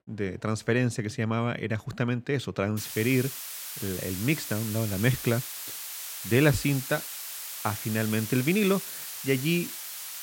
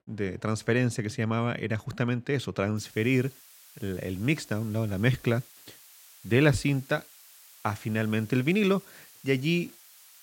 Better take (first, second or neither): second